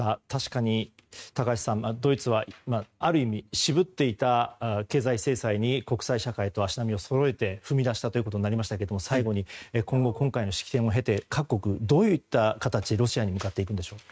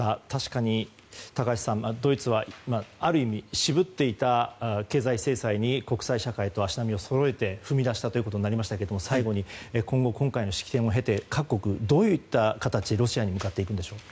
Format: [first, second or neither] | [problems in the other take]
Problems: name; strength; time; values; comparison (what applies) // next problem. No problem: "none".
second | noise reduction (neural mask model RNNoise)